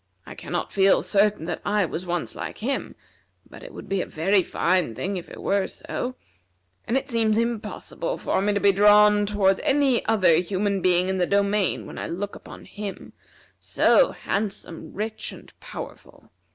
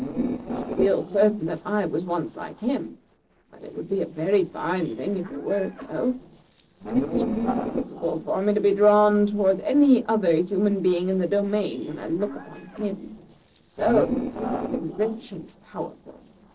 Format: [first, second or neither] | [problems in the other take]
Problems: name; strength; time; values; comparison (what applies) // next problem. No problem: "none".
first | noise reduction (neural separator model SepFormer DNS4)